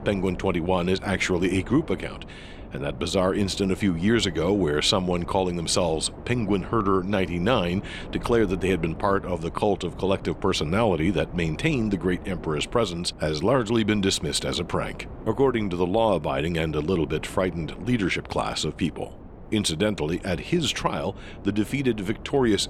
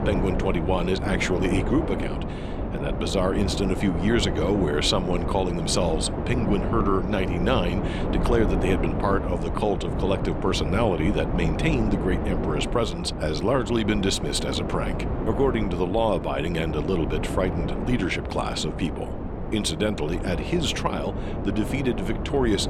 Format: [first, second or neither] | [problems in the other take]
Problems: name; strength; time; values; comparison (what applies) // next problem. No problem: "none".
first | wind noise on the microphone; heavy; 6 dB below the speech; occasional gusts in the first